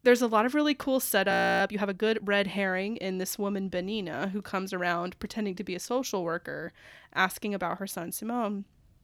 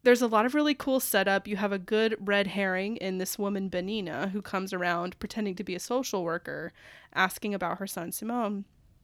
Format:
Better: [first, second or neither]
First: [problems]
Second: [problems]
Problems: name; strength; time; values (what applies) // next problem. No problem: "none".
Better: second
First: audio freezing; at 1.5 s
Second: none